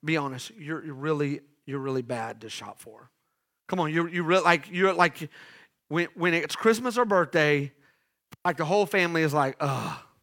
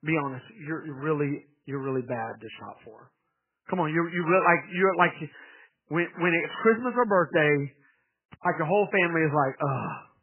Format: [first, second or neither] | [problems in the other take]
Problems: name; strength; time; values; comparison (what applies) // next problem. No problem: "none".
first | garbled, watery; badly; nothing above 3 kHz